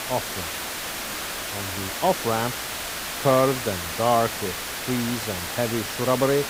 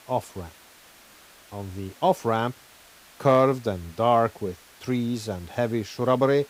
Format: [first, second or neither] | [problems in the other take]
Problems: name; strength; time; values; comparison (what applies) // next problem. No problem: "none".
second | hiss; loud; throughout; 4 dB below the speech; faint in the second